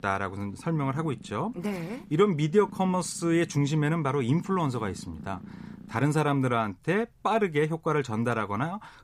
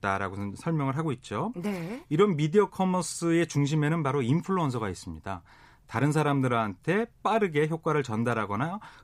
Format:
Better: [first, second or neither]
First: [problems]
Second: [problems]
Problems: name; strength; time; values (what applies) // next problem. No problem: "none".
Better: second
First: animal sounds; noticeable; until 6 s; 20 dB below the speech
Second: none